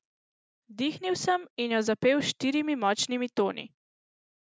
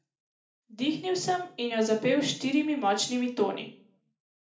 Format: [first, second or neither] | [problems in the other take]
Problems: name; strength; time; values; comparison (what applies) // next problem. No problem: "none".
first | room echo; dies away in 0.4 s